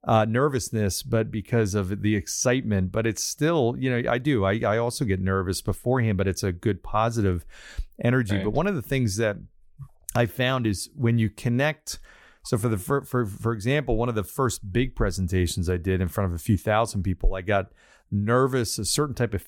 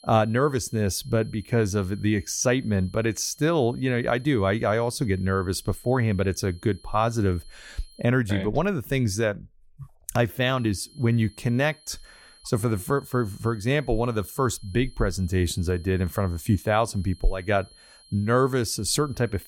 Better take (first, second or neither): first